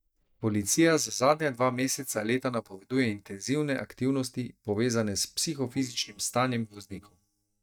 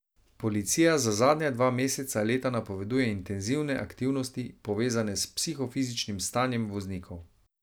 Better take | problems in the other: second | noise reduction (neural mask model DeepFilterNet 3)

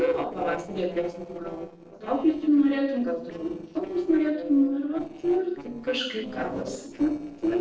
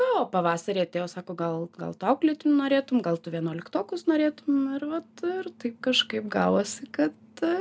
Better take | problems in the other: second | noise reduction (neural separator model SepFormer DNS4)

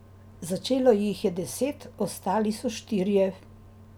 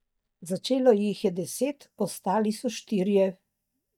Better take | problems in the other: first | noise reduction (neural mask model DeepFilterNet 3)

